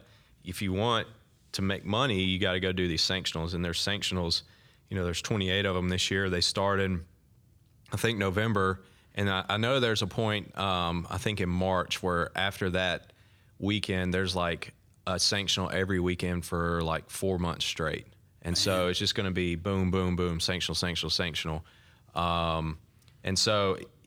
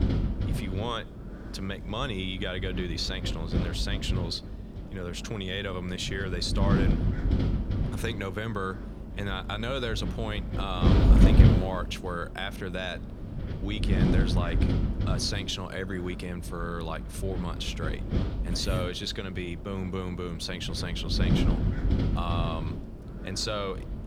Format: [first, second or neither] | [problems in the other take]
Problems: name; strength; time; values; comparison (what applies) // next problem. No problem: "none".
first | wind noise on the microphone; heavy; 5 dB below the speech